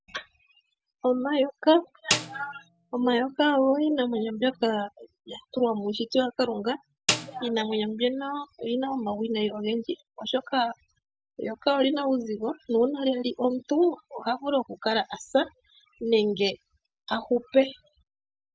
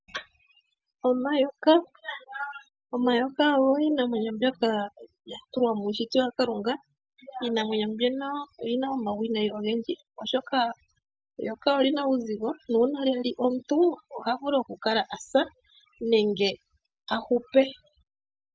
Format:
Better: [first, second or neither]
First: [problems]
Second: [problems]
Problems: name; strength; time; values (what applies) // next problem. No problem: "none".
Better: second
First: background sound (Snare drum); 6 dB below the speech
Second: none